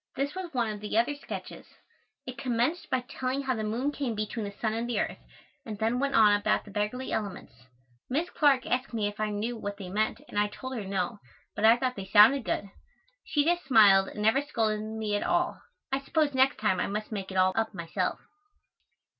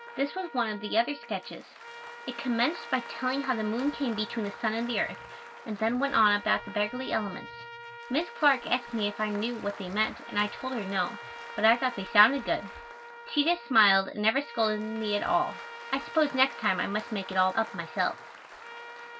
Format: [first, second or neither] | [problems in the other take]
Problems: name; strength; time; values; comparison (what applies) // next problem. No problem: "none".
first | background sound (Applause + Trumpet); 14 dB below the speech